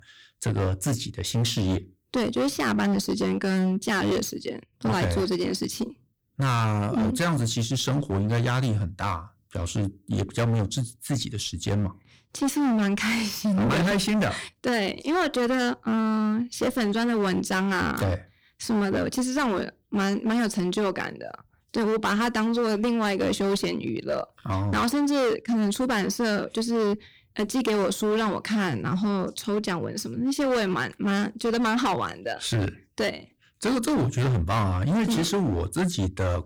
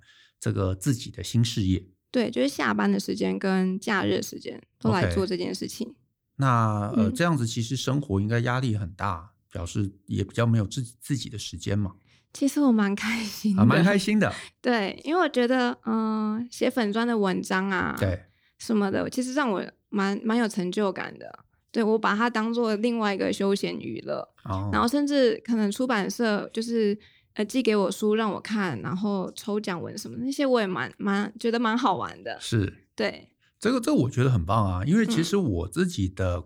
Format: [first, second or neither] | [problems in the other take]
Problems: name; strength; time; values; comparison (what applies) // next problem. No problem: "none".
second | distortion; heavy; 20% of the sound clipped